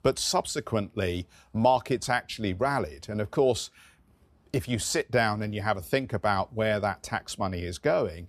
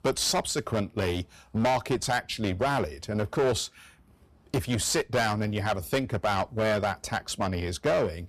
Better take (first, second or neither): first